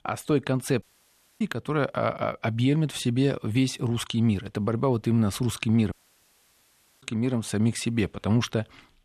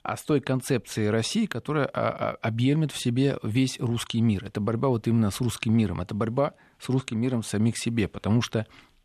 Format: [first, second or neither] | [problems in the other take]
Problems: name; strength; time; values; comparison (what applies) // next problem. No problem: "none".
second | audio cutting out; at 1 s for 0.5 s and at 6 s for 1 s